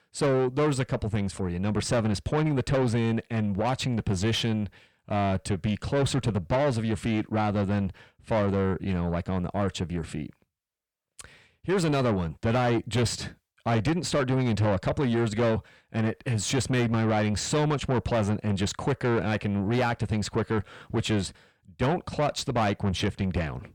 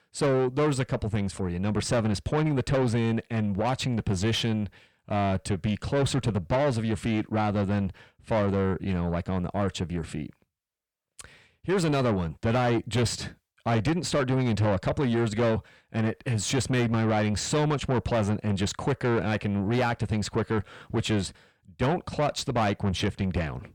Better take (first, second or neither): neither